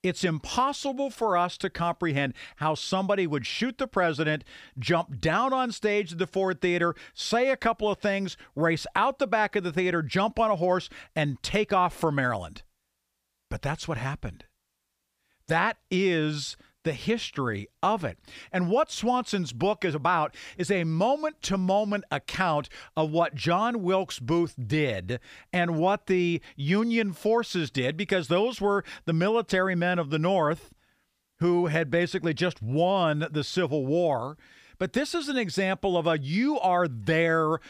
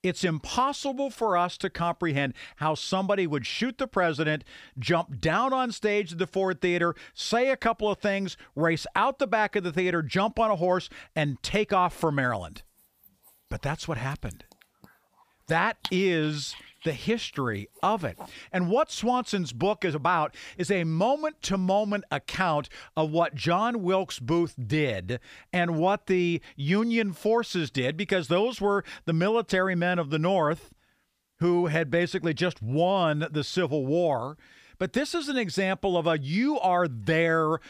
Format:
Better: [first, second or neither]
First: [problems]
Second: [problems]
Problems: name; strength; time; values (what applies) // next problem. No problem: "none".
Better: first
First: none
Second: dog barking; noticeable; from 14 to 18 s; peak 10 dB below the speech